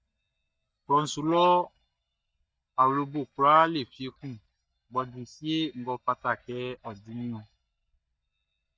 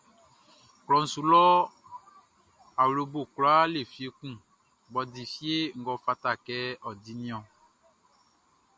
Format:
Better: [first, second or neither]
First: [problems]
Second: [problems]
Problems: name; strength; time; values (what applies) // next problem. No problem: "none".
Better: second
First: noise reduction (neural mask model DeepFilterNet 3)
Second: none